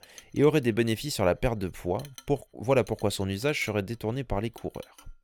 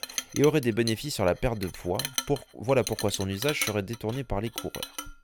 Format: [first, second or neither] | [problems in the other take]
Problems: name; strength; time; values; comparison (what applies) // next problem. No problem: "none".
first | household noises; loud; throughout; 6 dB below the speech; faint in the first